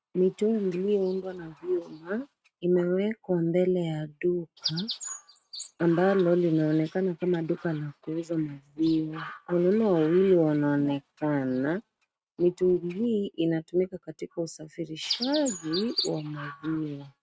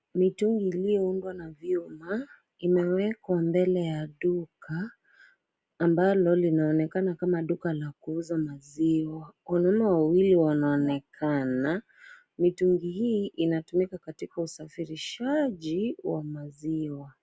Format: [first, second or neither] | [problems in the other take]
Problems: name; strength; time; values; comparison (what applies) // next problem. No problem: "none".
second | noise reduction (neural mask model RNNoise)